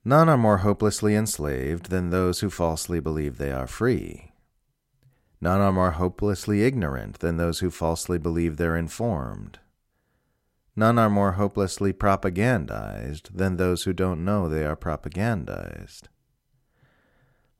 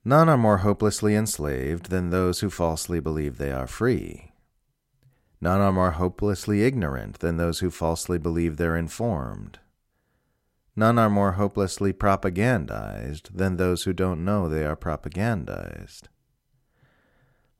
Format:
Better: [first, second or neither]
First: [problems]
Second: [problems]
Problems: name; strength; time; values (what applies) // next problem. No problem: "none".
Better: neither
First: none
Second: none